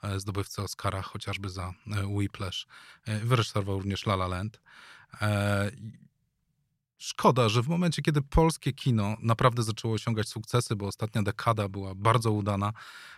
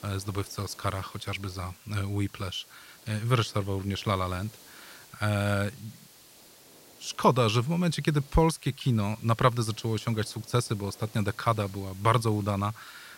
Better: first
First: none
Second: hiss; faint; throughout; 20 dB below the speech

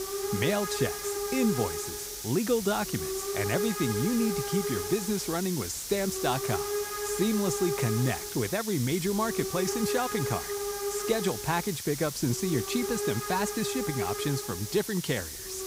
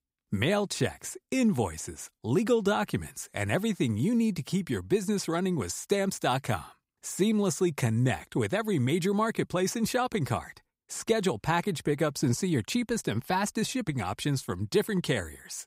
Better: second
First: hiss; loud; throughout; 3 dB below the speech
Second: none

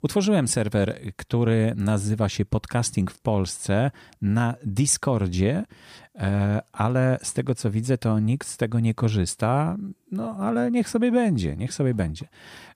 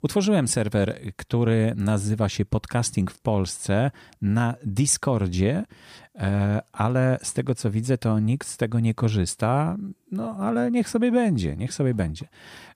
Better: neither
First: none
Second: none

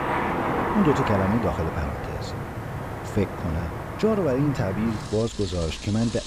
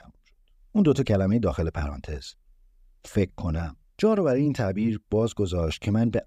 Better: second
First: traffic noise; loud; throughout; 4 dB below the speech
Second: none

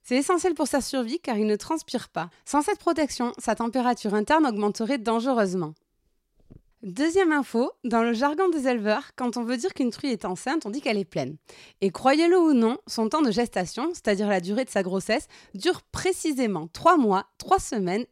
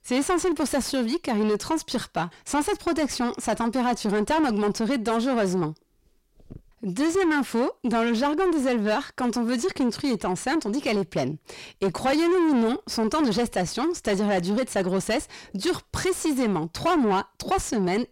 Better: first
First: none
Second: distortion; heavy; 7 dB below the speech

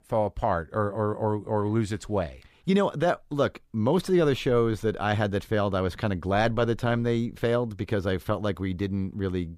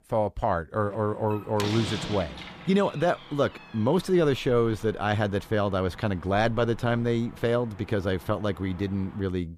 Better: first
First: none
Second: door banging; noticeable; from 1 s on; peak 5 dB below the speech

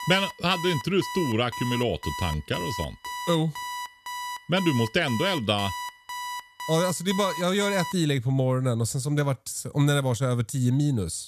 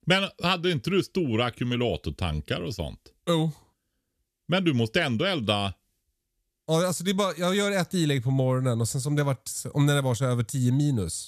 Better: second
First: alarm; noticeable; until 8 s; peak 8 dB below the speech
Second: none

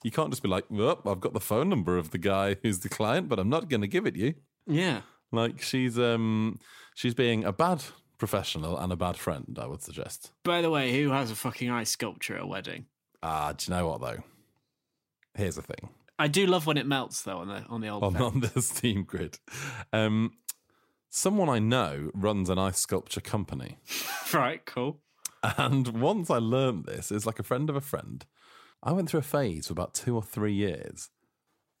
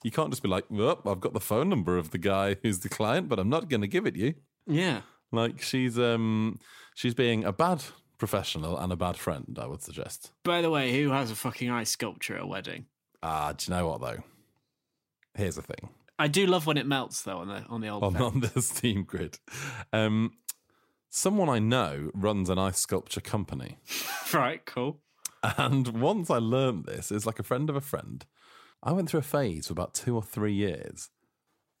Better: neither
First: none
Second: none

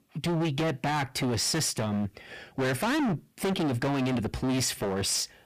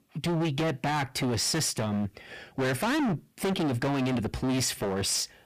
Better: neither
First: distortion; heavy; 28% of the sound clipped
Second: distortion; heavy; 28% of the sound clipped

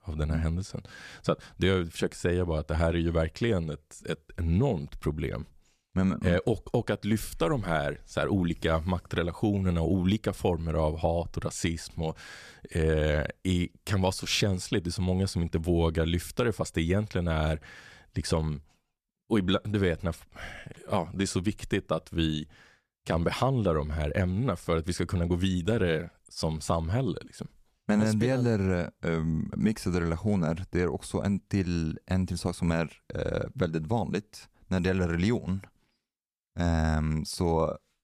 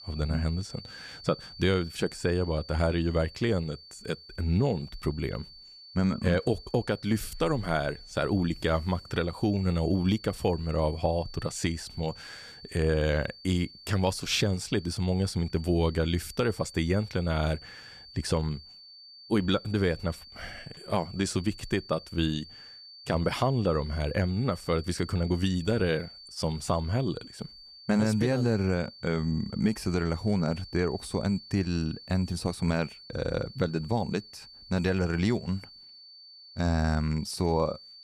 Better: first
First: none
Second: high-pitched whine; noticeable; throughout; 4.5 kHz, 15 dB below the speech

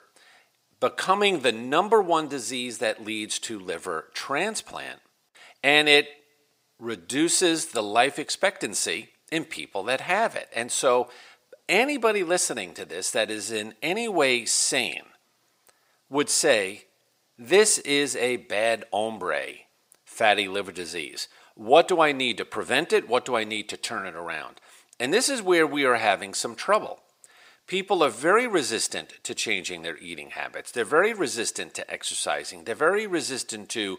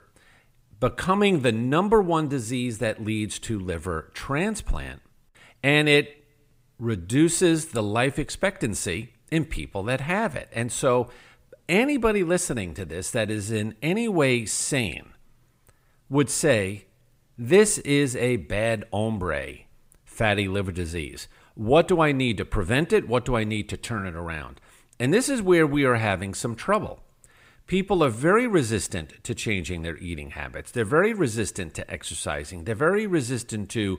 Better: second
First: thin; somewhat; fading below 400 Hz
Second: none

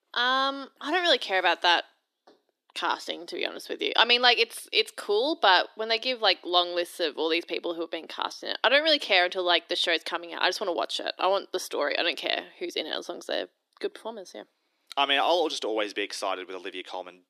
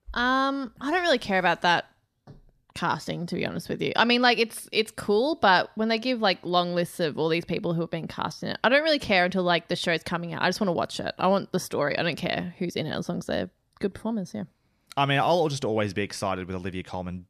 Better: second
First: thin; somewhat; fading below 300 Hz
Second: none

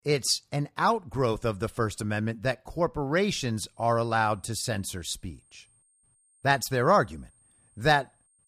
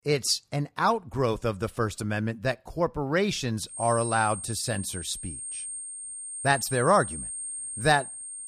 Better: first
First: high-pitched whine; faint; from 3.5 s on; 8.5 kHz, 35 dB below the speech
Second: high-pitched whine; loud; from 3.5 s on; 8.5 kHz, 7 dB below the speech

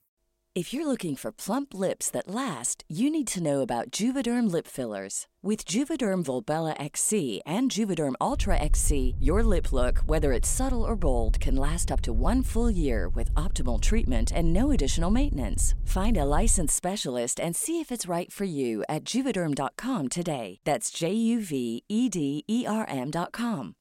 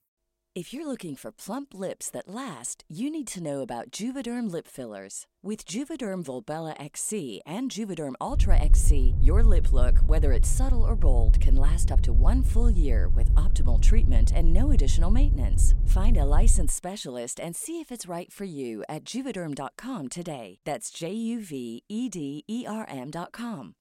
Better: first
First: wind noise on the microphone; occasional gusts; from 8.5 to 17 s; 20 dB below the speech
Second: wind noise on the microphone; heavy; from 8.5 to 17 s; 9 dB below the speech

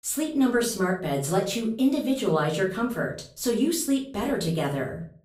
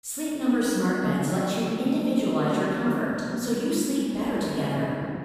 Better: first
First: room echo; slight; dies away in 0.3 s // off-mic speech; far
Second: room echo; strong; dies away in 2.9 s // off-mic speech; far

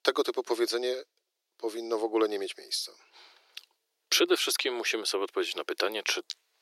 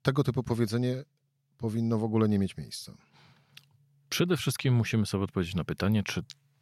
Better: second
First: thin; very; fading below 350 Hz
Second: none

